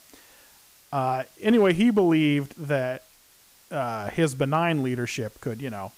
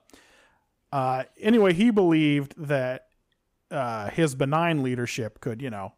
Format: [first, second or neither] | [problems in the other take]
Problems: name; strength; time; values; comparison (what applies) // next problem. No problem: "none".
second | hiss; faint; throughout; 30 dB below the speech